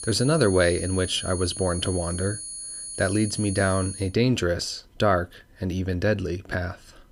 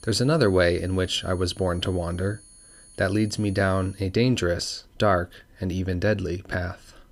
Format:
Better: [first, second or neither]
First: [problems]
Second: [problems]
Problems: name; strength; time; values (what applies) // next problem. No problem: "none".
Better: second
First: high-pitched whine; loud; until 4 s; 9.5 kHz, 8 dB below the speech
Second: high-pitched whine; faint; until 4 s; 9.5 kHz, 25 dB below the speech